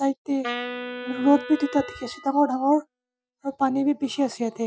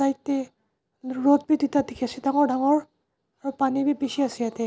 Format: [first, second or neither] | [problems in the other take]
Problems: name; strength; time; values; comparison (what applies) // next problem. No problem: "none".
second | noise reduction (classical method Wiener filter)